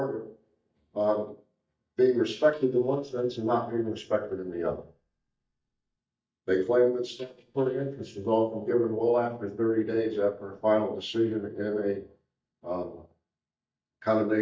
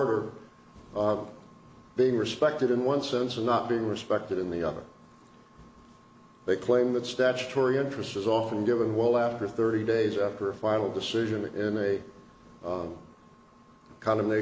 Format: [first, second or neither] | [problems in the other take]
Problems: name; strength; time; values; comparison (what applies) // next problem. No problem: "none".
second | noise reduction (neural mask model DeepFilterNet 3)